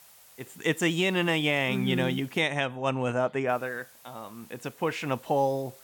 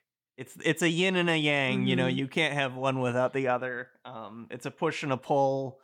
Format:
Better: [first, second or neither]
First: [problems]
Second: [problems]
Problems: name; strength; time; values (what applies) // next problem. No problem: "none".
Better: second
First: hiss; faint; until 2.5 s and from 3.5 s on; 25 dB below the speech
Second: none